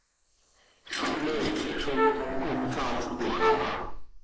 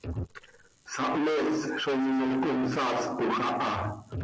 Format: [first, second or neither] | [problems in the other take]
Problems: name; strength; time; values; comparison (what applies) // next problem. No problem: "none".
second | noise reduction (neural mask model Resemble Enhance denoiser)